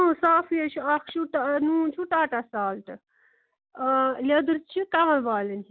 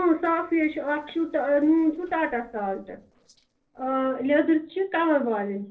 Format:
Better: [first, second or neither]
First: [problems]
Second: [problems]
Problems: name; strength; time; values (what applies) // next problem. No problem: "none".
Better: first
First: none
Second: noise reduction (neural separator model SepFormer DNS4)